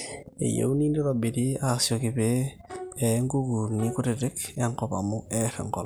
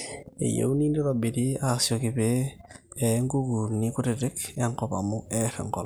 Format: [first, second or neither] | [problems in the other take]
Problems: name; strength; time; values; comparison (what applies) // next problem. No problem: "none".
second | background sound (Bowed string instrument); 17 dB below the speech